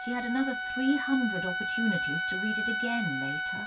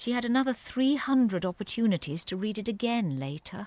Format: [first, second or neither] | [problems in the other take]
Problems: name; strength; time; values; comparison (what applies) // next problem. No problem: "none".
second | background sound (Wind instrument, woodwind instrument); 1 dB below the speech // room echo; dies away in 0.2 s